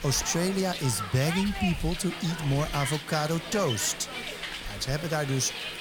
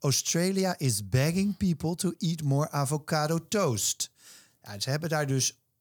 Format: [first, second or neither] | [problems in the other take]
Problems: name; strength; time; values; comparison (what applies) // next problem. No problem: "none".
second | hiss; loud; throughout; 6 dB below the speech